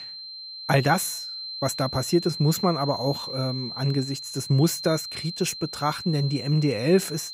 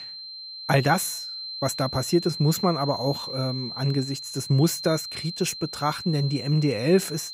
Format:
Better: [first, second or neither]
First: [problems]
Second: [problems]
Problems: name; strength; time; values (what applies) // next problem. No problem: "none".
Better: neither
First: high-pitched whine; loud; throughout; 4 kHz, 8 dB below the speech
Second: high-pitched whine; loud; throughout; 4 kHz, 8 dB below the speech